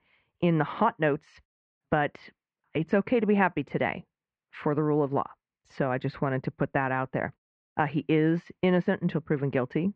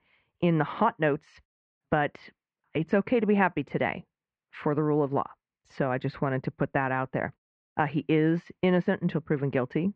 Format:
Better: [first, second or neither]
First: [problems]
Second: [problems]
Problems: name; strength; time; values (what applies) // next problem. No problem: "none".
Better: neither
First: muffled; very; fading above 2.5 kHz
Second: muffled; very; fading above 2.5 kHz